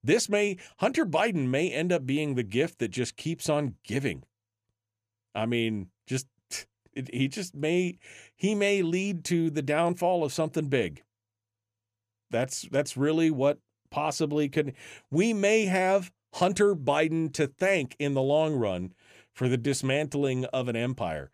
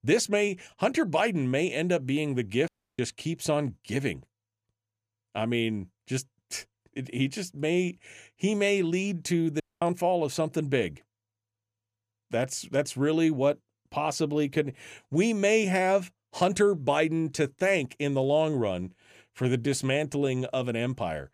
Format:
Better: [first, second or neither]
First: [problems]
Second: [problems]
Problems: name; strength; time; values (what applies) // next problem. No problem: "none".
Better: first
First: none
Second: audio cutting out; at 2.5 s and at 9.5 s